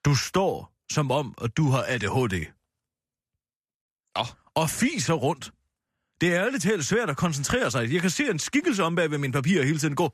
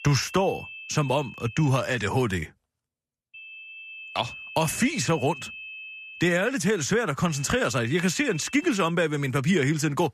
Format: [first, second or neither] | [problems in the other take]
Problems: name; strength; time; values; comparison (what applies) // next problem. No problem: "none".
first | high-pitched whine; noticeable; until 1.5 s, from 3.5 to 6.5 s and from 7.5 to 9 s; 2.5 kHz, 15 dB below the speech